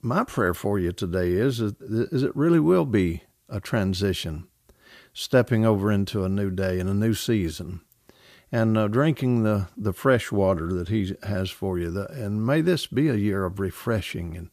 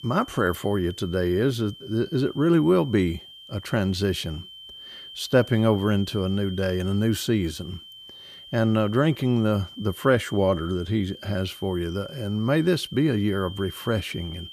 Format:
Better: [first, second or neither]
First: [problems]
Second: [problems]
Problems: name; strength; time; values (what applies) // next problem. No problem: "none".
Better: first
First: none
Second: high-pitched whine; noticeable; throughout; 3 kHz, 15 dB below the speech